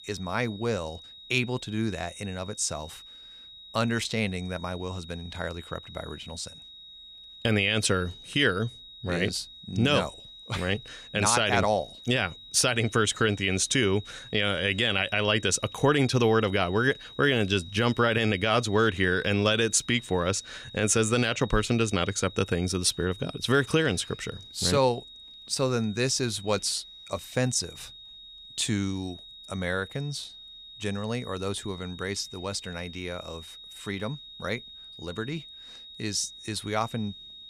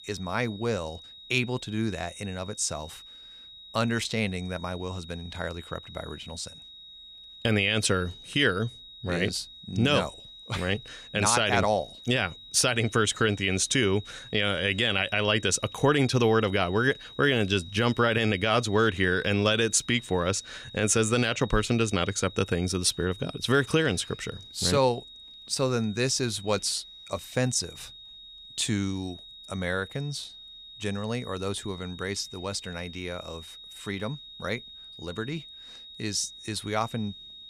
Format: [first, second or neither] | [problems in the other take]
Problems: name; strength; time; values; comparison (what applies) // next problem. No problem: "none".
neither | high-pitched whine; noticeable; throughout; 4 kHz, 15 dB below the speech; the same in both